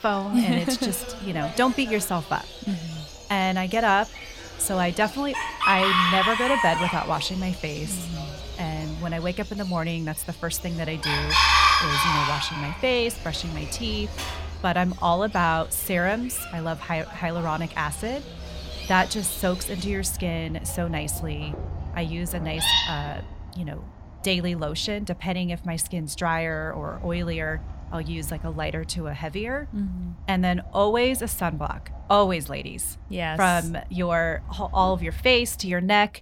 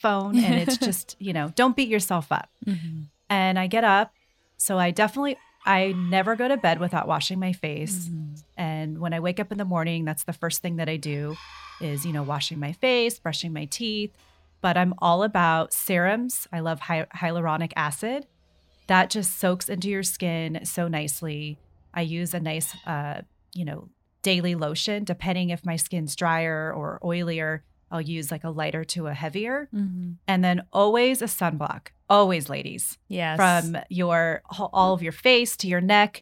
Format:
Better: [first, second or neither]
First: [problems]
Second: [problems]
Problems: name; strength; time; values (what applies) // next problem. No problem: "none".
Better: second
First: animal sounds; loud; throughout; 2 dB below the speech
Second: animal sounds; faint; throughout; 30 dB below the speech